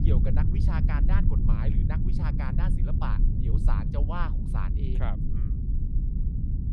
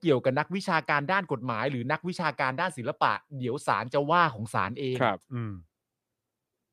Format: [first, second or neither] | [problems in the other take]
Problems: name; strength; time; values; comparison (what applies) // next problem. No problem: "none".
second | low rumble; loud; throughout; 2 dB below the speech